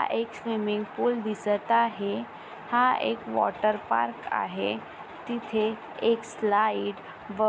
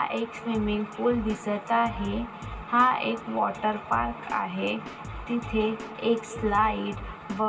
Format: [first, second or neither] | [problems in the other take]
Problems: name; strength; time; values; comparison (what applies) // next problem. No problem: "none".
first | background sound (Drum kit); 15 dB below the speech // room echo; dies away in 2 s